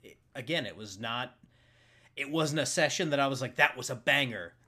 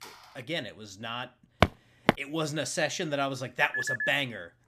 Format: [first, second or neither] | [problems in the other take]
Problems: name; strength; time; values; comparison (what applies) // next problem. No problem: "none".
first | phone ringing; faint; at the start; peak 15 dB below the speech // footsteps; loud; at 1.5 s; peak 4 dB above the speech // phone ringing; loud; at 3.5 s; peak 1 dB above the speech